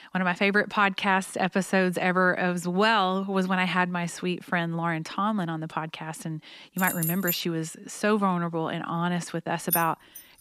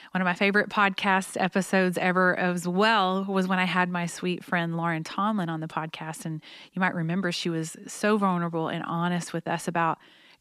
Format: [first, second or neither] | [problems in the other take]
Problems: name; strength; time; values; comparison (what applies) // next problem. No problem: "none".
second | jangling keys; noticeable; at 7 s and at 9.5 s; peak 2 dB below the speech